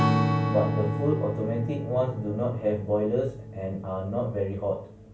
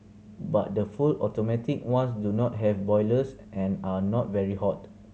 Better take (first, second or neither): second